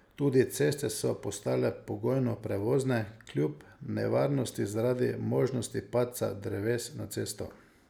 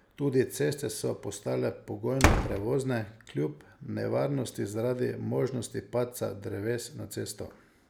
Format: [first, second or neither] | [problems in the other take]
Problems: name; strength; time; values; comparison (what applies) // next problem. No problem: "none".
first | background sound (Slam); 1 dB below the speech